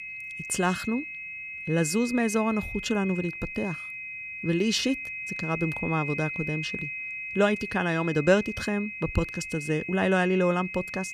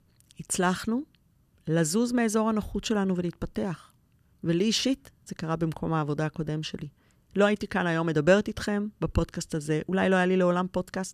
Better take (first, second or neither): second